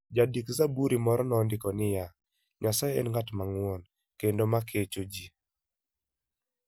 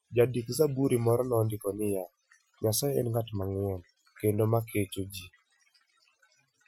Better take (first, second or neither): first